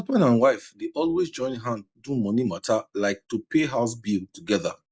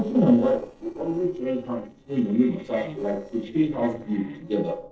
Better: first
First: none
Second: noise reduction (neural separator model SepFormer DNS4)

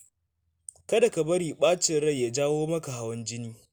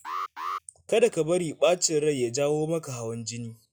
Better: first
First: none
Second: noise reduction (classical method log-MMSE)

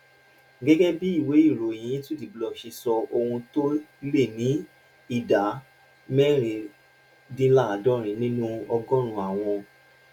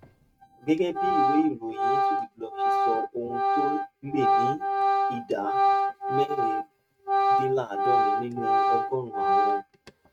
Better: first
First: none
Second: noise reduction (neural mask model RNNoise)

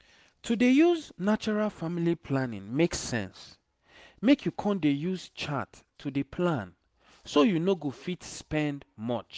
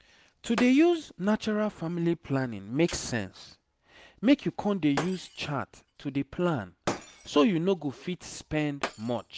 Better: first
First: none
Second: background sound (Shatter); 14 dB below the speech

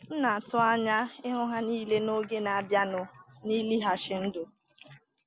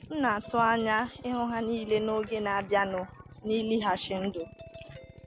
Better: first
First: none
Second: background sound (Drill + Doorbell); 19 dB below the speech

